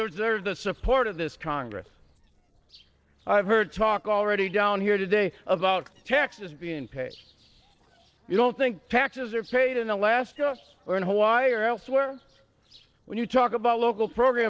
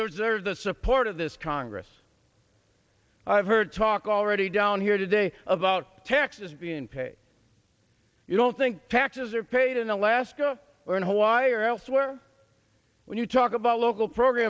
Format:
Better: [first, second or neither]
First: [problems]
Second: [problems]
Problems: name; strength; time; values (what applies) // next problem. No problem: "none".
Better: second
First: noise reduction (neural separator model SepFormer DNS4)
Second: none